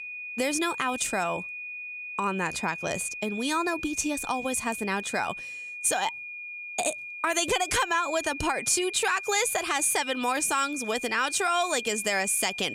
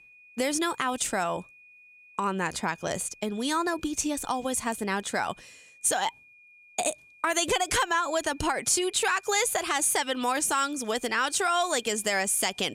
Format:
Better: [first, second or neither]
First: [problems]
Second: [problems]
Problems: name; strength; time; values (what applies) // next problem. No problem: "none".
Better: second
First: high-pitched whine; loud; throughout; 2.5 kHz, 8 dB below the speech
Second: high-pitched whine; faint; throughout; 2.5 kHz, 25 dB below the speech